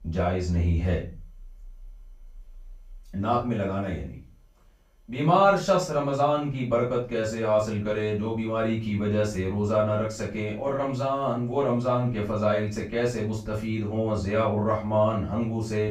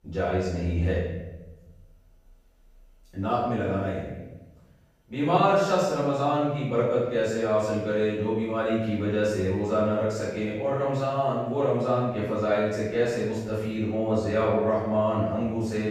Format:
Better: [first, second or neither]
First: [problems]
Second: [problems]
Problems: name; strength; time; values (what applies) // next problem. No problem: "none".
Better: first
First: room echo; slight; dies away in 0.3 s // off-mic speech; far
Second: room echo; strong; dies away in 0.9 s // off-mic speech; far